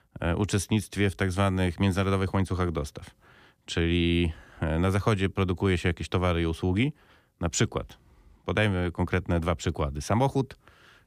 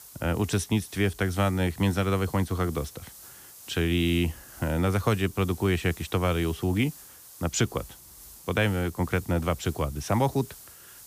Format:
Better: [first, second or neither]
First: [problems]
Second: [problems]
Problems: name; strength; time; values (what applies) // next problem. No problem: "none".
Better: first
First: none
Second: hiss; noticeable; throughout; 20 dB below the speech